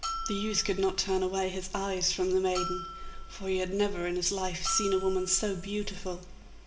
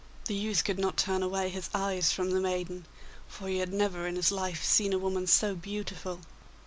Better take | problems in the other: second | background sound (Bell); 11 dB below the speech // room echo; dies away in 2.5 s

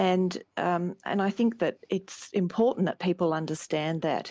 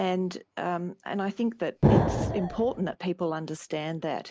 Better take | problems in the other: first | background sound (Explosion); 4 dB above the speech

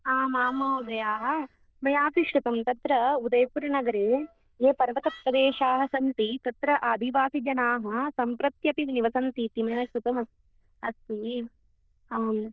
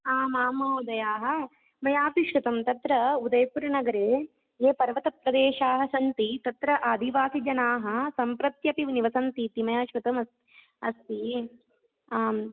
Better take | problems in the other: second | noise reduction (neural diffusion model UNIVERSE++)

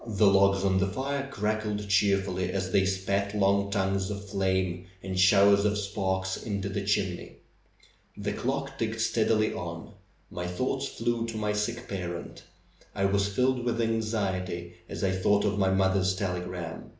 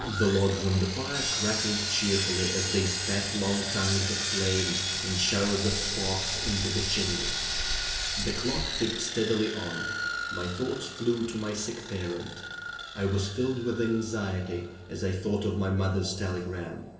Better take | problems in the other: first | background sound (Sawing); 3 dB below the speech // room echo; dies away in 1.8 s

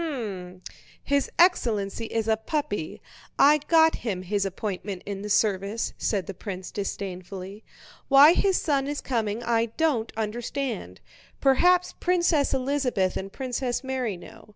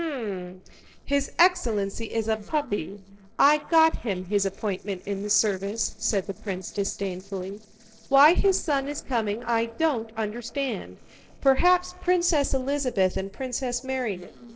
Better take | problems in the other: first | noise reduction (neural separator model SepFormer DNS4)

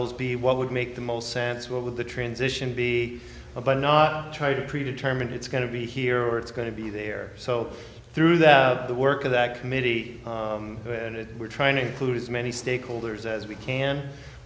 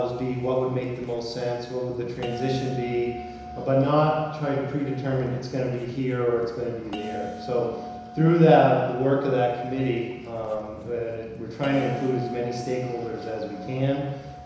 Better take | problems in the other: first | background sound (Bell); 15 dB below the speech // room echo; dies away in 1 s

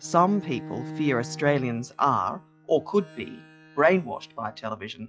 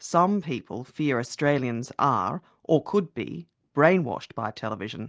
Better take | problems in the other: second | noise reduction (classical method log-MMSE)

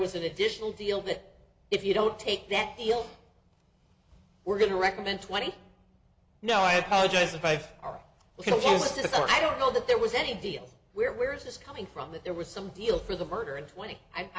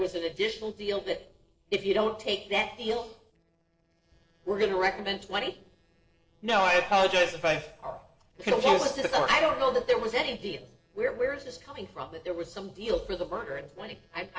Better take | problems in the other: first | noise reduction (neural separator model SepFormer DNS4)

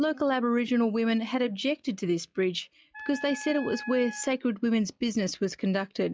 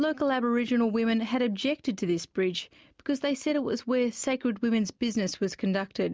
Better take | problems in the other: second | noise reduction (classical method log-MMSE)

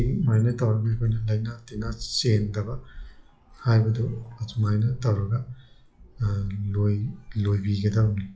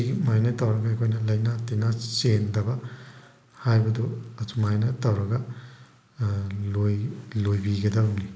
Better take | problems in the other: second | noise reduction (classical method log-MMSE)

